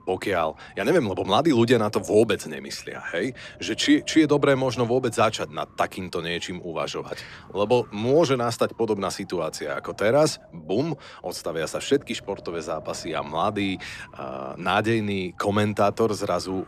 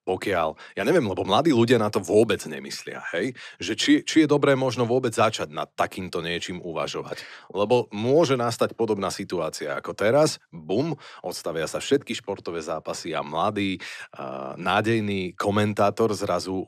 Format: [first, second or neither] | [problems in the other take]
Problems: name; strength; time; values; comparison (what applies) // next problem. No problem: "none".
second | wind noise on the microphone; occasional gusts; 25 dB below the speech